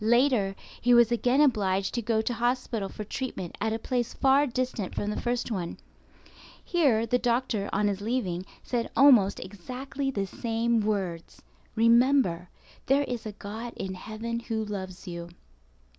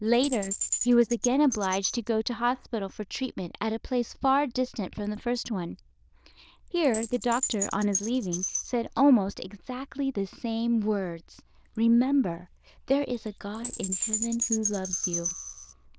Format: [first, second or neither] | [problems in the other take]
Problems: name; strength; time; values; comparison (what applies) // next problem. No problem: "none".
first | noise reduction (neural diffusion model UNIVERSE++)